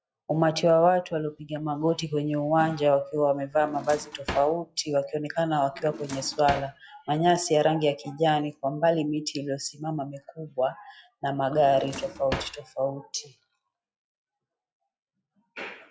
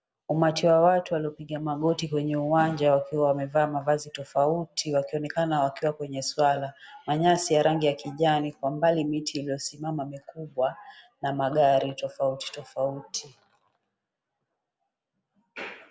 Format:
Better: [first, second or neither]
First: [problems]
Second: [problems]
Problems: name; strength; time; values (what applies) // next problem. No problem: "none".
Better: second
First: noise reduction (classical method log-MMSE)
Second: none